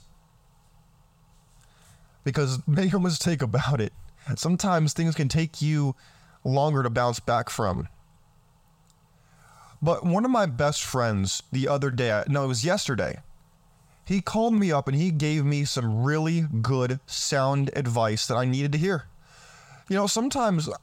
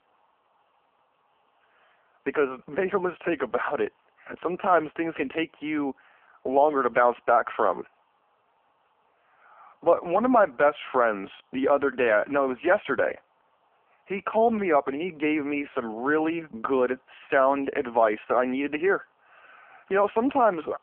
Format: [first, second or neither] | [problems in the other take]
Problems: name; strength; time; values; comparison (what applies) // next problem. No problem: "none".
first | phone-call audio; poor line